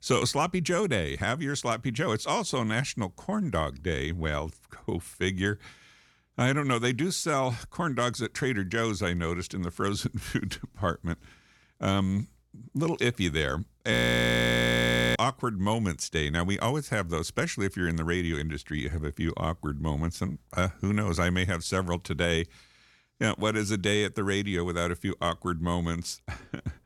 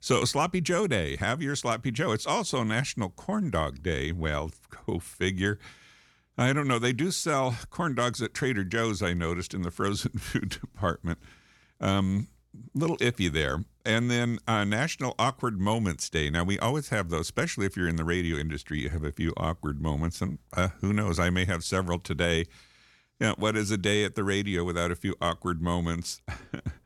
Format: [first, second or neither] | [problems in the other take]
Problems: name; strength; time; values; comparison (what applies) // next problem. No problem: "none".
second | audio freezing; at 14 s for 1 s